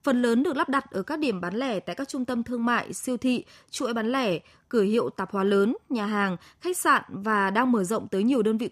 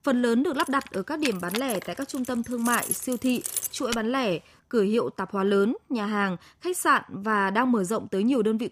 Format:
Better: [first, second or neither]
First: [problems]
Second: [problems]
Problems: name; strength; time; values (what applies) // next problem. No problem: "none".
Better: first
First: none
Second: jangling keys; noticeable; from 0.5 to 4 s; peak 2 dB below the speech